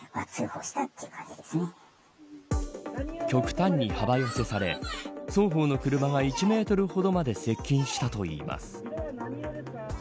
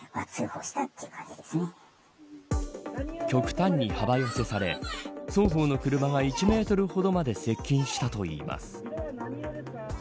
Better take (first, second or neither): first